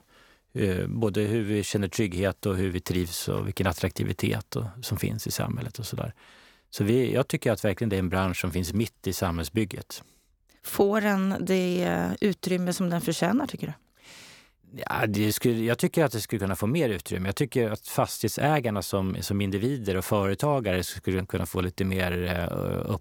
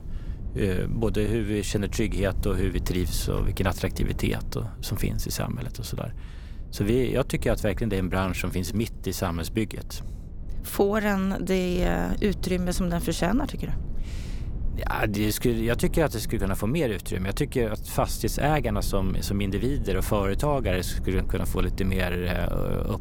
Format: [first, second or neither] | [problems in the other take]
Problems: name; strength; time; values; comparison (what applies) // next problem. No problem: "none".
first | low rumble; faint; throughout; 20 dB below the speech